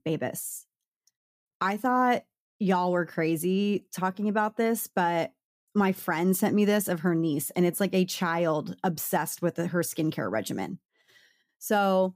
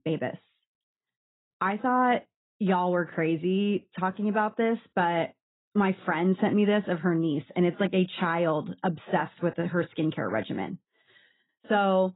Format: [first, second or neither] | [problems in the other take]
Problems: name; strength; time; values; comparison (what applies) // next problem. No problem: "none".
first | garbled, watery; badly; nothing above 4 kHz